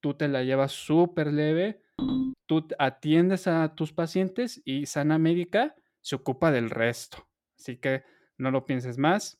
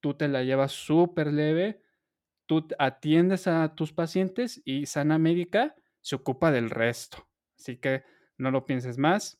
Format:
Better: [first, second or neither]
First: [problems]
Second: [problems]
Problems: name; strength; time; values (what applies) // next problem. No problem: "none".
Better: second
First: phone ringing; noticeable; at 2 s; peak 2 dB below the speech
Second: none